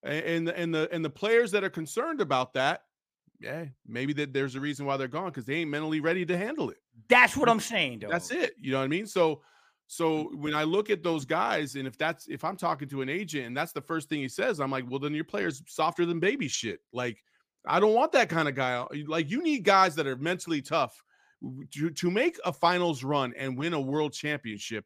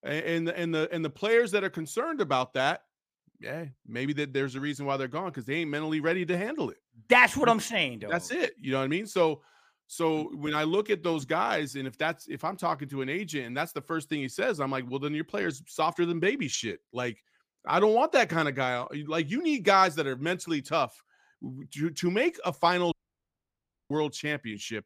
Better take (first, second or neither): first